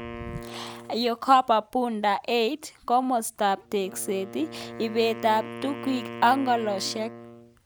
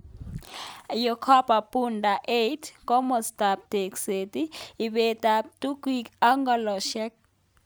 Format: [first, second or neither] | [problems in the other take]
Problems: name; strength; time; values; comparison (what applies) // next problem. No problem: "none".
second | background sound (Wind instrument, woodwind instrument); 14 dB below the speech